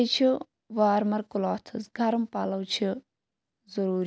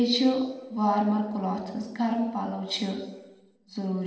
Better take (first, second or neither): first